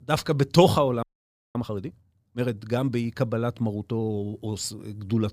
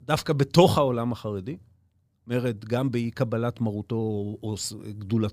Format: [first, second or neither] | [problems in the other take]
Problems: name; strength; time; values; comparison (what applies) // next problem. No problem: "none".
second | audio freezing; at 1 s for 0.5 s